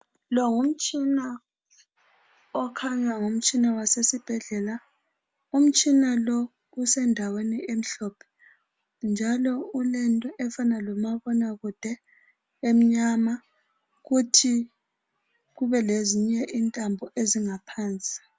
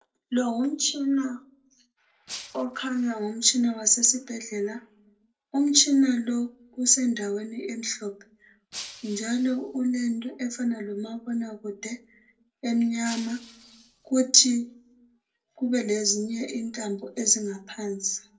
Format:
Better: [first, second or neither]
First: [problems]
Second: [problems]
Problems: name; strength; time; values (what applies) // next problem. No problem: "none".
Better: first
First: none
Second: noise reduction (neural separator model SepFormer DNS4)